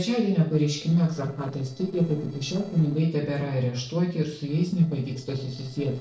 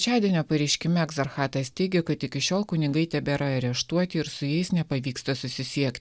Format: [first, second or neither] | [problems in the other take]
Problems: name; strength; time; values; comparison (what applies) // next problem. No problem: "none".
second | noise reduction (neural separator model SepFormer DNS4)